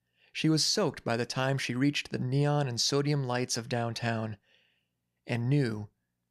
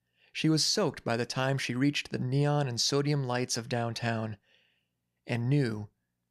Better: neither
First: none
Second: none

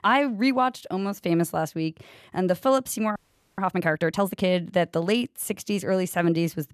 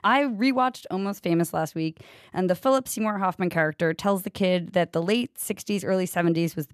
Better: second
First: audio freezing; at 3 s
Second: none

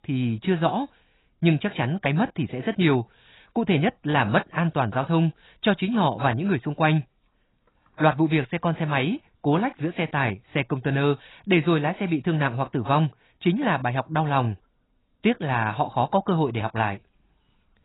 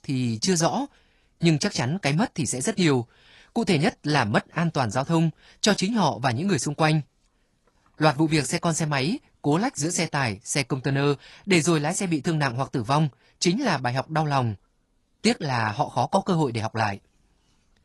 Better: second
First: garbled, watery; badly; nothing above 4 kHz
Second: garbled, watery; slightly; nothing above 11 kHz

